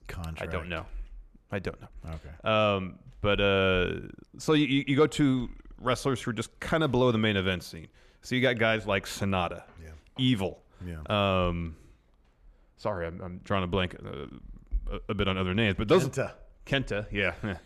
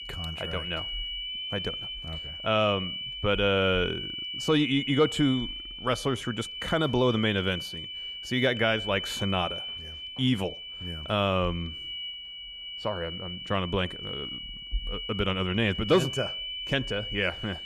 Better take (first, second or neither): first